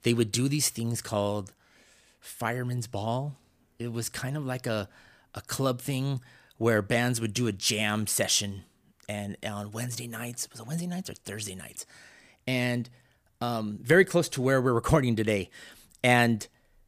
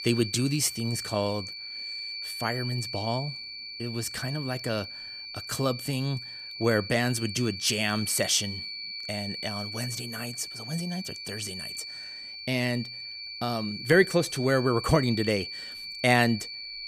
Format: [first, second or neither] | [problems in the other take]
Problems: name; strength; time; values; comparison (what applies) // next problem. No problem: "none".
first | high-pitched whine; loud; throughout; 4.5 kHz, 8 dB below the speech